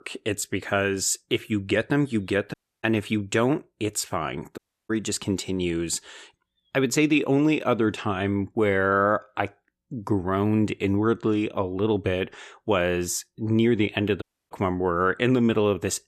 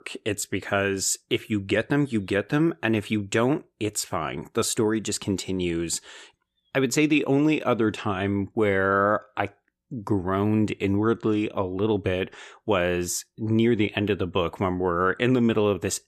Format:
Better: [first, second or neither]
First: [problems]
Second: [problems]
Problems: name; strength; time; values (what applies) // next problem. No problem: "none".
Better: second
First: audio cutting out; at 2.5 s, at 4.5 s and at 14 s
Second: none